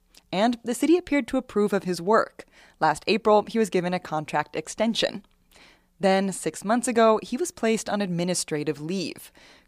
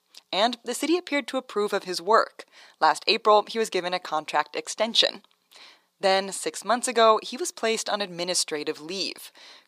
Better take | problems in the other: first | thin; somewhat; fading below 400 Hz

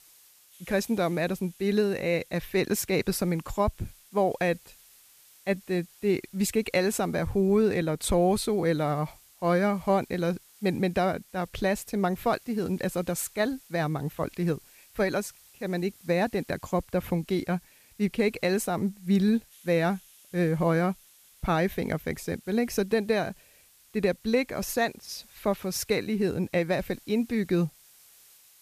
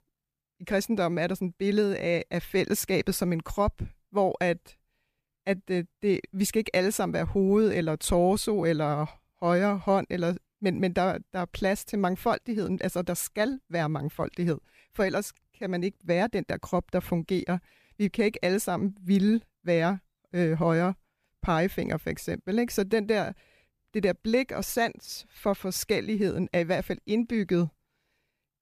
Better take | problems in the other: second | hiss; faint; throughout; 25 dB below the speech

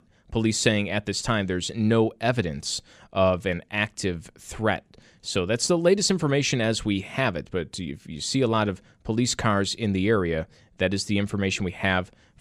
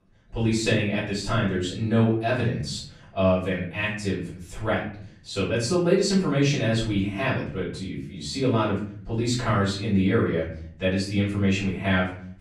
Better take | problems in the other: first | off-mic speech; far // room echo; noticeable; dies away in 0.6 s

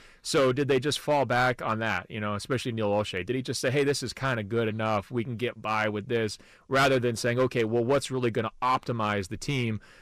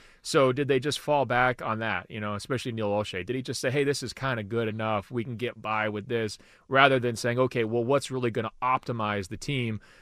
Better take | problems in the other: second | distortion; slight; 4% of the sound clipped

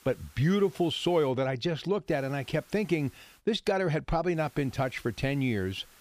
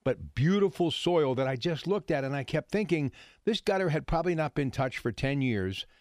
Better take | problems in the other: second | hiss; faint; until 1.5 s, from 2 to 3.5 s and from 4.5 s on; 25 dB below the speech

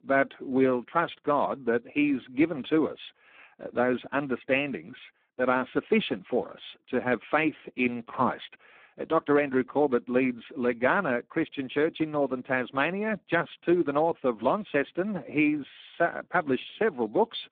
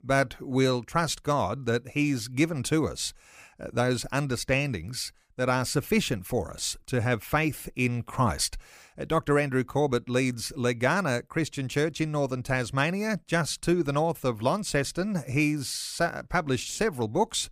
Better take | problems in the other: second | phone-call audio; poor line

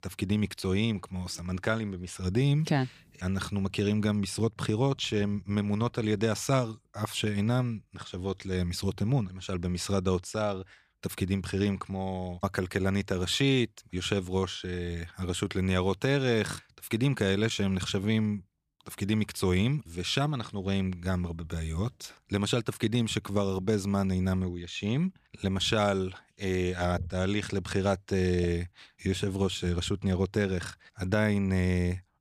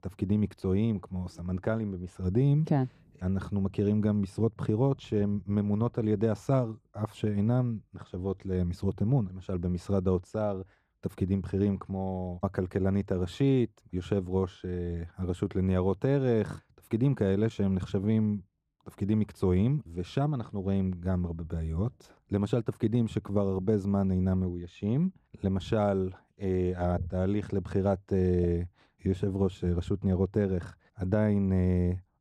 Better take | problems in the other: first | muffled; slightly; fading above 1.5 kHz

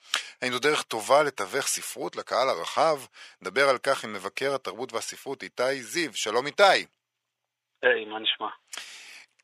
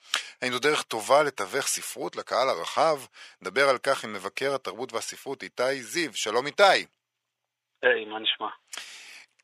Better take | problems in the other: neither | thin; very; fading below 750 Hz; the same in both

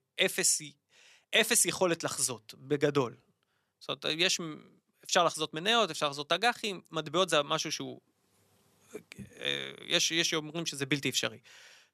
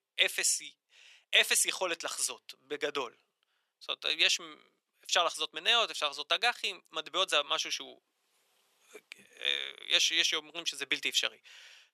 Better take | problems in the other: first | thin; somewhat; fading below 550 Hz

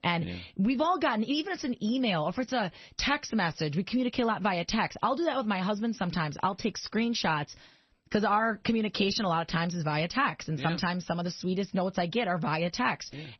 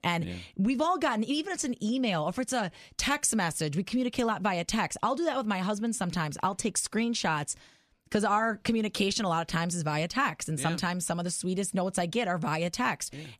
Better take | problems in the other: second | garbled, watery; slightly; nothing above 6 kHz

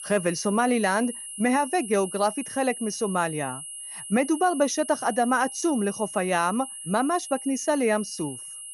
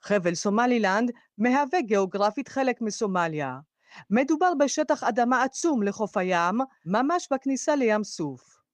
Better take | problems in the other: second | high-pitched whine; loud; throughout; 10.5 kHz, 10 dB below the speech

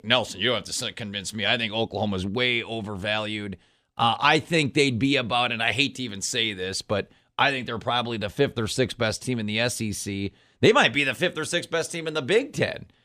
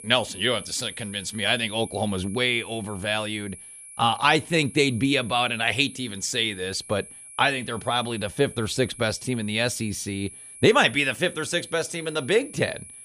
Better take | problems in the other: first | high-pitched whine; noticeable; throughout; 10.5 kHz, 15 dB below the speech

